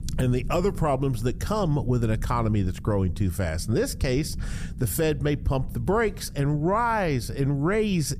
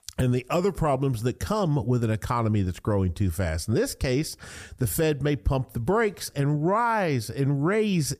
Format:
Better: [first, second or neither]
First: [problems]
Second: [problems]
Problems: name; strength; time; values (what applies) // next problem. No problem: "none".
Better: second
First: low rumble; faint; throughout; 20 dB below the speech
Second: none